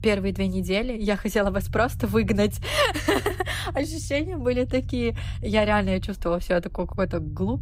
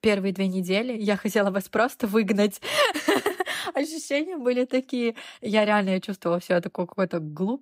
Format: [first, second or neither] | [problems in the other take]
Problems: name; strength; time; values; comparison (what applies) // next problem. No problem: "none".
second | low rumble; faint; throughout; 25 dB below the speech